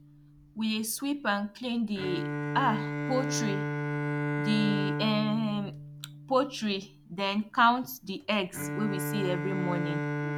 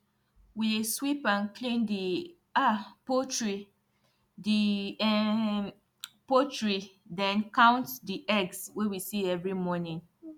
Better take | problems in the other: second | background sound (Bowed string instrument); 3 dB below the speech

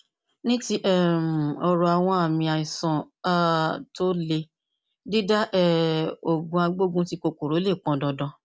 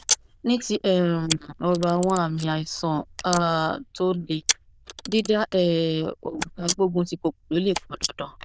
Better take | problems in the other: first | noise reduction (neural diffusion model UNIVERSE++)

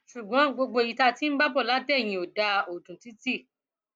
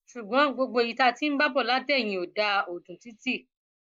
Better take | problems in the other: first | noise reduction (neural mask model Resemble Enhance denoiser)

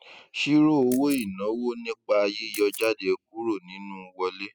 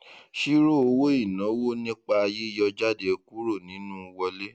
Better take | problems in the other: second | noise reduction (classical method spectral subtraction)

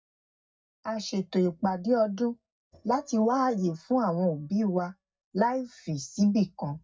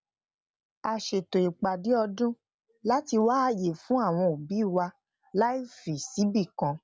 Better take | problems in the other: second | noise reduction (neural mask model DeepFilterNet 3)

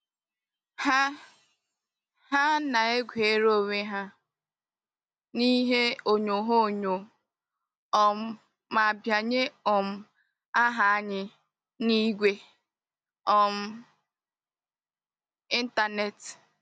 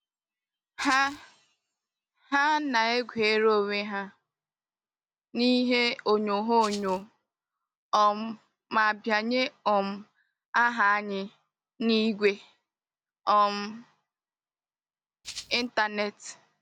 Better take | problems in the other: first | background sound (Rattle (instrument)); 14 dB below the speech

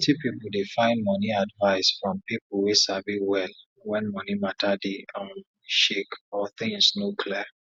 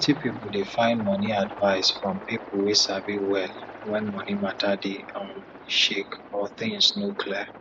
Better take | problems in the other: first | background sound (Aircraft); 14 dB below the speech

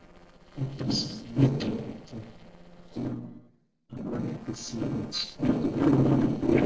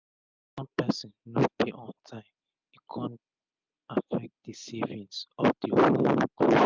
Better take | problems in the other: second | noise reduction (neural separator model SepFormer DNS4)

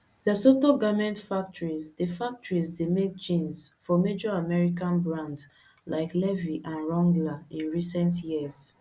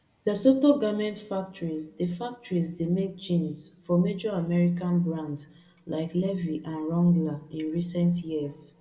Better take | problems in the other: first | room echo; dies away in 1 s

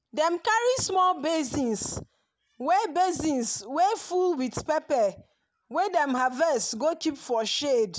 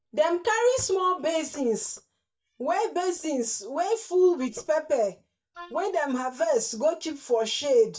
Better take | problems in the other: first | noise reduction (neural mask model DeepFilterNet 3)

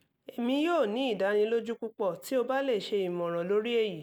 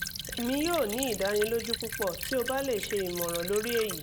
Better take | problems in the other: first | background sound (Stream / Trickle, dribble); 6 dB below the speech

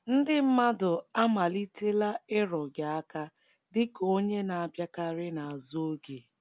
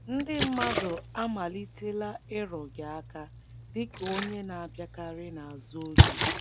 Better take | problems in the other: first | background sound (Splash, splatter); 4 dB above the speech

